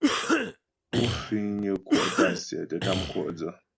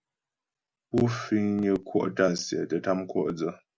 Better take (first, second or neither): second